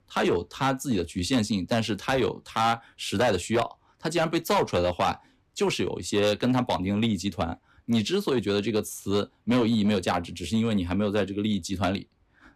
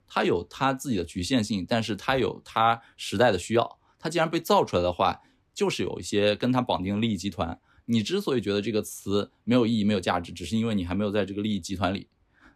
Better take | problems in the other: second | distortion; slight; 6% of the sound clipped

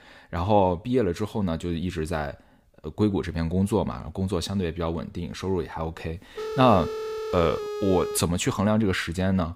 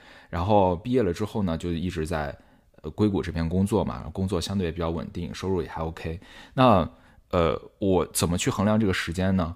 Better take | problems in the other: second | phone ringing; noticeable; from 6.5 to 8 s; peak 6 dB below the speech

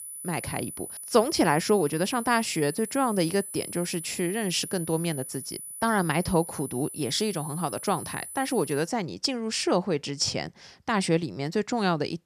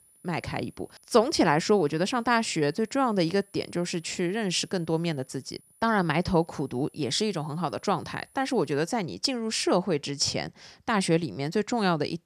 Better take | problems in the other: second | high-pitched whine; loud; until 9 s; 10 kHz, 9 dB below the speech; faint in the second

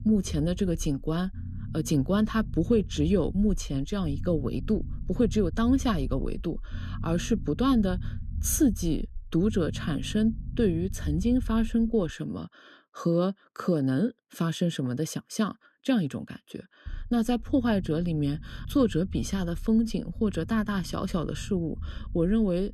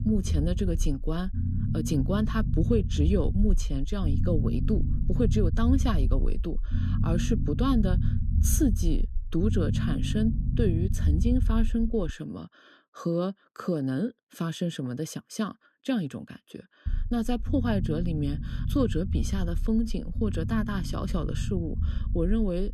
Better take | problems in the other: first | low rumble; loud; until 12 s and from 17 s on; 9 dB below the speech; faint in the first

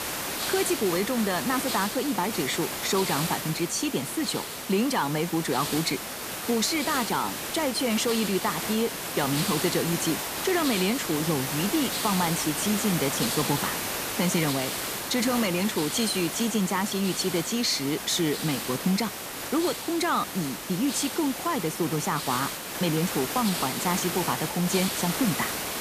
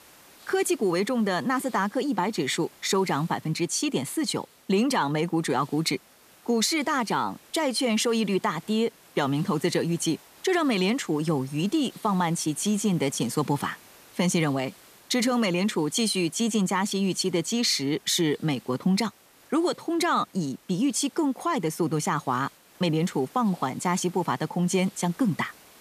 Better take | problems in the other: second | hiss; loud; throughout; 3 dB below the speech; faint in the second

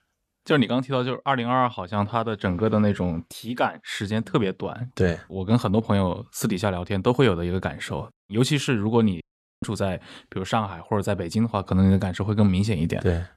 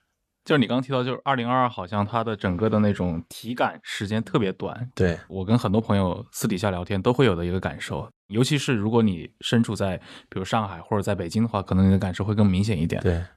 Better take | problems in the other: second | audio cutting out; at 9 s

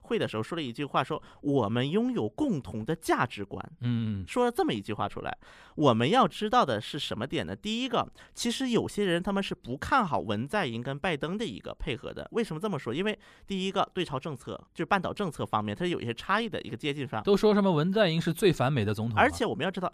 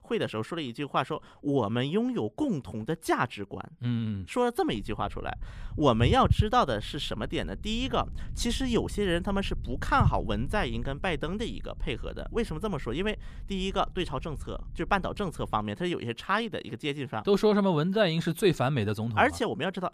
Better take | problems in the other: first | low rumble; faint; from 4.5 to 16 s; 20 dB below the speech

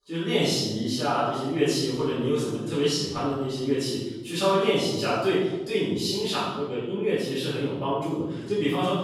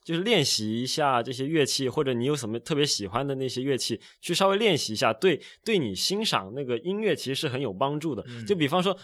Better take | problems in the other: second | room echo; strong; dies away in 1 s // off-mic speech; far

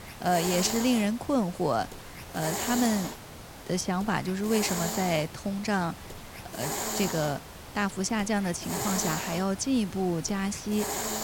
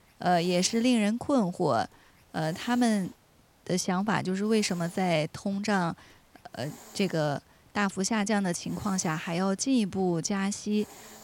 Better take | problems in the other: second | hiss; loud; throughout; 6 dB below the speech; faint in the second

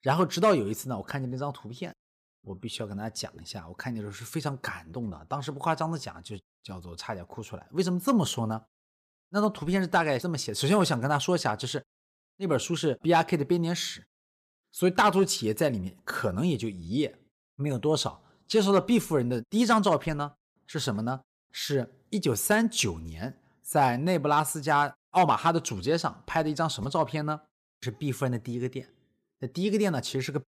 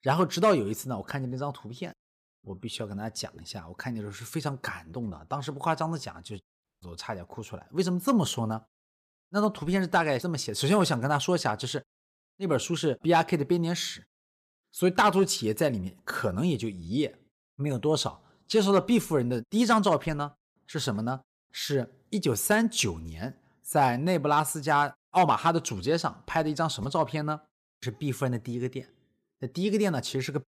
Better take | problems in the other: first | audio cutting out; at 6.5 s

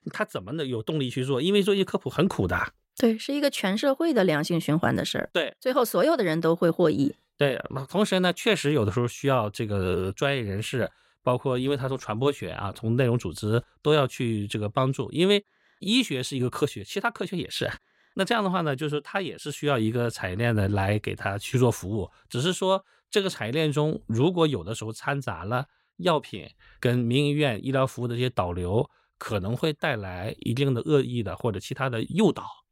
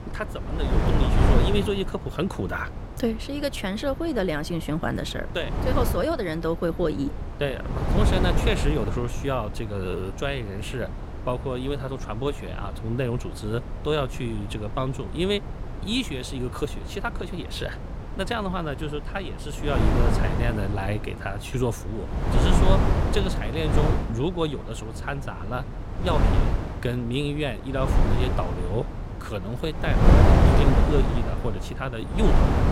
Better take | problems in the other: first | wind noise on the microphone; heavy; 3 dB below the speech

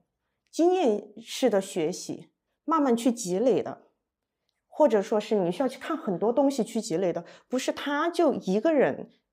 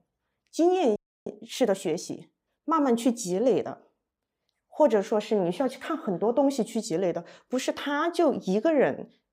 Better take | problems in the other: first | audio freezing; at 1 s

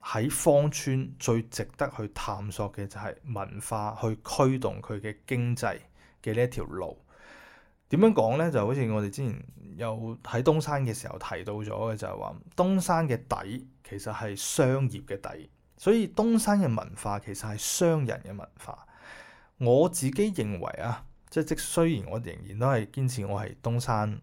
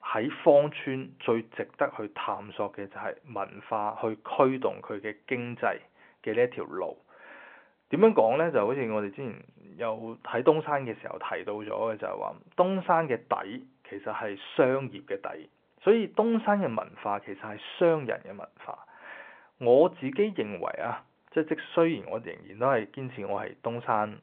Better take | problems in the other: first | phone-call audio

